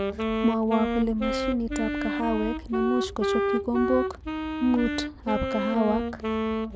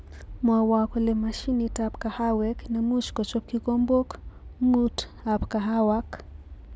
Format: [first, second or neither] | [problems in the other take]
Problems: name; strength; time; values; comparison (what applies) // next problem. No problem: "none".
second | background sound (Wind instrument, woodwind instrument); 1 dB below the speech